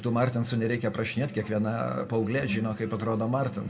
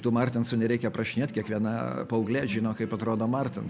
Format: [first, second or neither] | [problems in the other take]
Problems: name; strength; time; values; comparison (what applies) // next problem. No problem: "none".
second | room echo; dies away in 1 s